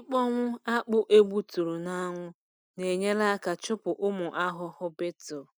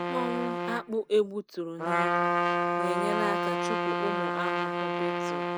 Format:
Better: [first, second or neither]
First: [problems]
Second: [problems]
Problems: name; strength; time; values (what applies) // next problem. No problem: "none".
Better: first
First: none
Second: background sound (Trumpet); 4 dB above the speech